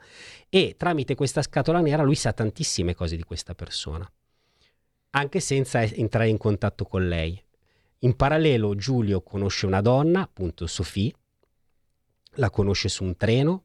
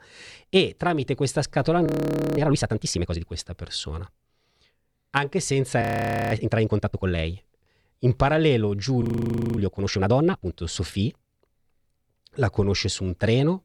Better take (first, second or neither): first